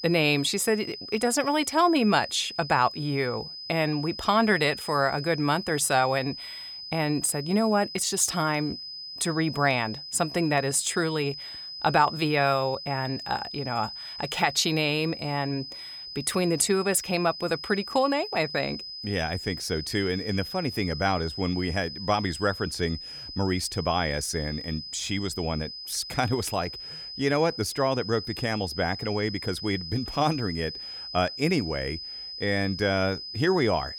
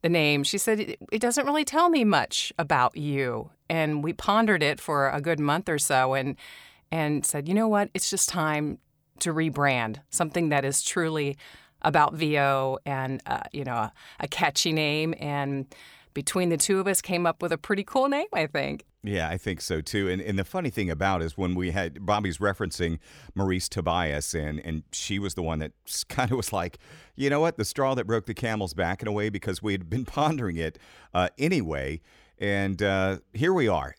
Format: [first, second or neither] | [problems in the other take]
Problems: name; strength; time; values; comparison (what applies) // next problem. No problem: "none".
second | high-pitched whine; loud; throughout; 5 kHz, 10 dB below the speech